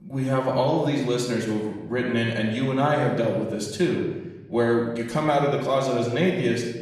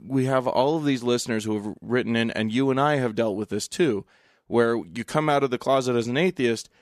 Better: second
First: off-mic speech; far // room echo; noticeable; dies away in 1 s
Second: none

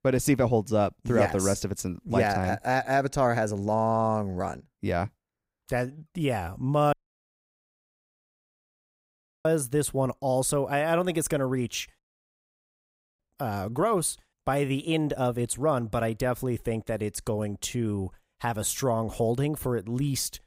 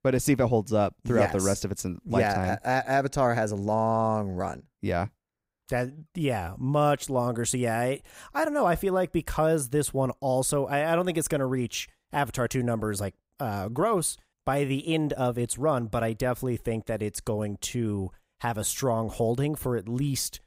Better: second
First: audio cutting out; at 7 s for 2.5 s and at 12 s for 1 s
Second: none

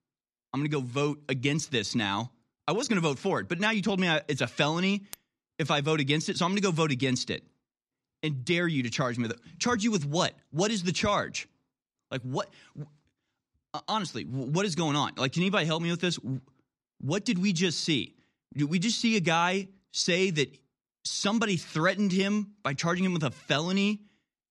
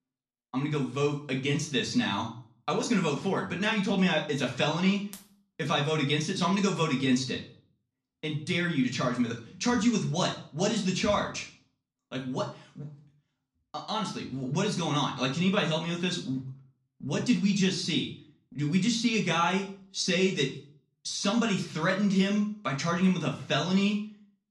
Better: first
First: none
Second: room echo; slight; dies away in 0.4 s // off-mic speech; far

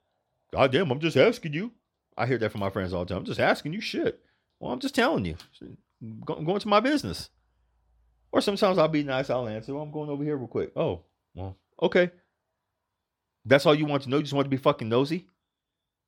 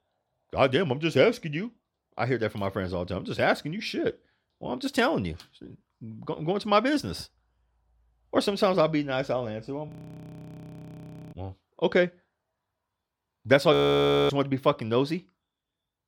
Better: first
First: none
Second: audio freezing; at 10 s for 1.5 s and at 14 s for 0.5 s

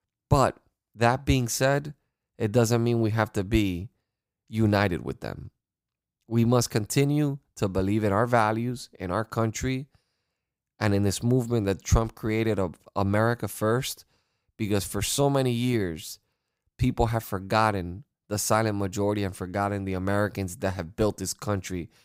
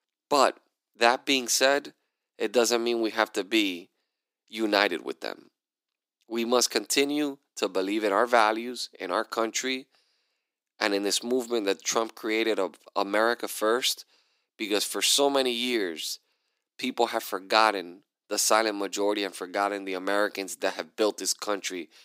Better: first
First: none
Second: thin; somewhat; fading below 300 Hz

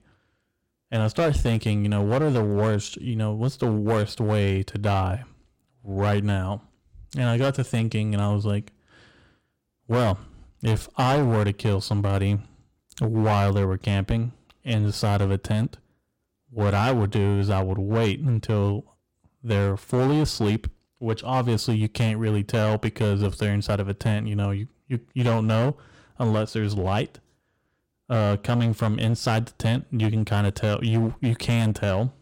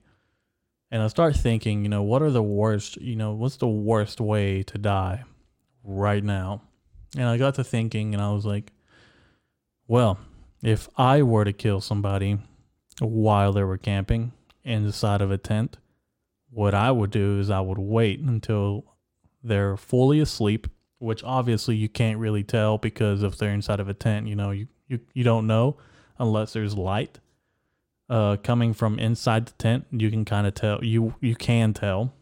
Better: second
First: distortion; slight; 10% of the sound clipped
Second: none

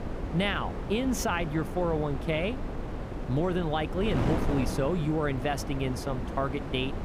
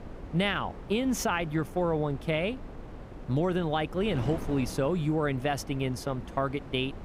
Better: second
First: wind noise on the microphone; heavy; 7 dB below the speech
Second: wind noise on the microphone; occasional gusts; 15 dB below the speech

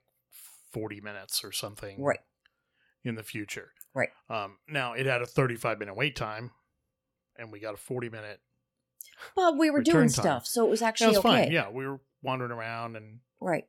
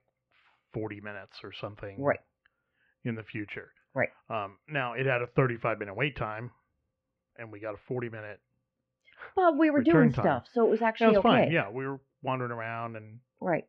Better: first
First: none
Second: muffled; very; fading above 2.5 kHz

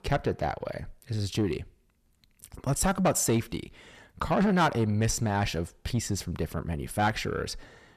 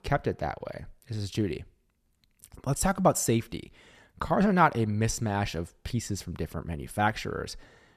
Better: second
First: distortion; slight; 10 dB below the speech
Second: none

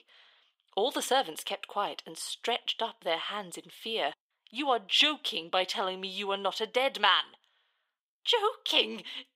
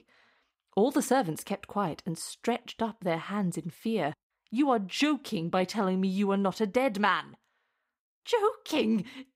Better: second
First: thin; very; fading below 550 Hz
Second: none

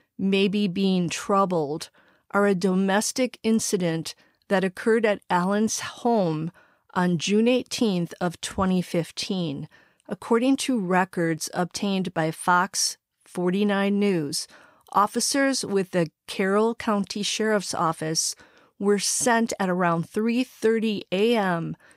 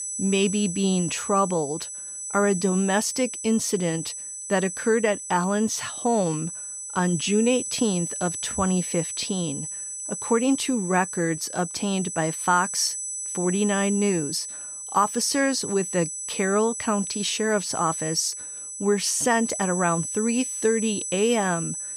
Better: first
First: none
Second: high-pitched whine; loud; throughout; 8 kHz, 6 dB below the speech

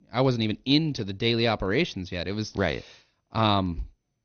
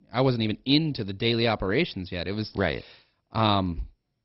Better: first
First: garbled, watery; slightly; nothing above 6.5 kHz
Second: garbled, watery; badly; nothing above 5.5 kHz

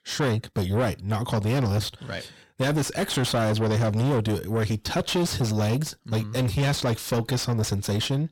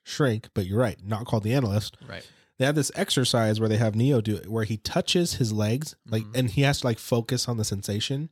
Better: second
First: distortion; heavy; 7 dB below the speech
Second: none

